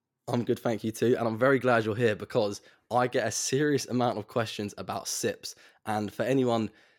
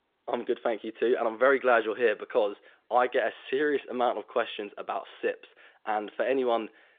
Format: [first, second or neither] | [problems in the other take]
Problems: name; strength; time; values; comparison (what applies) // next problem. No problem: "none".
first | phone-call audio